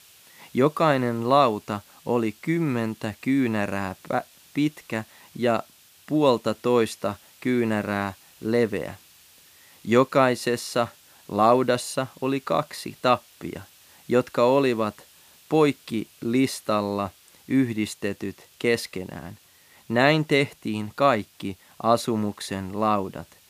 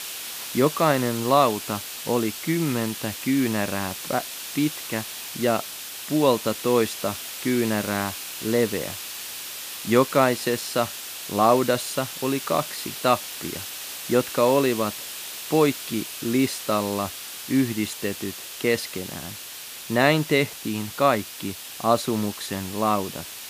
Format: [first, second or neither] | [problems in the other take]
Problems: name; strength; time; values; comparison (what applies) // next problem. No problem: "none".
first | hiss; loud; throughout; 8 dB below the speech; faint in the first